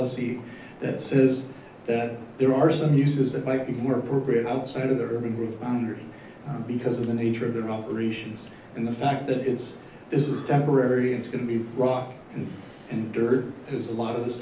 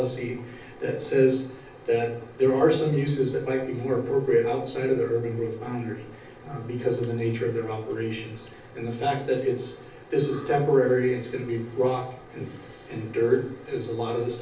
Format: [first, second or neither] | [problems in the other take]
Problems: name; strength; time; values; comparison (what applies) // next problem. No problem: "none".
first | room echo; dies away in 0.8 s